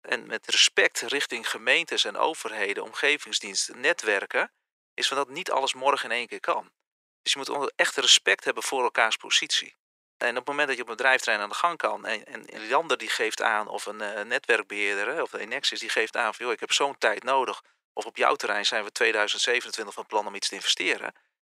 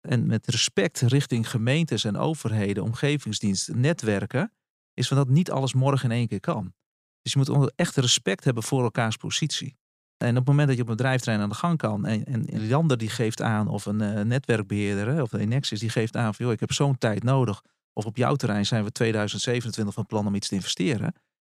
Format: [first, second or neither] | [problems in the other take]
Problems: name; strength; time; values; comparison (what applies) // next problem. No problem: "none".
second | thin; very; fading below 400 Hz